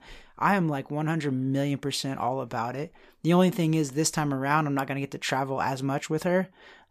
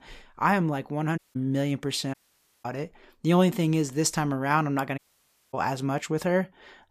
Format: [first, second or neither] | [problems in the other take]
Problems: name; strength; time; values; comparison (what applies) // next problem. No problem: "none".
first | audio cutting out; at 1 s, at 2 s for 0.5 s and at 5 s for 0.5 s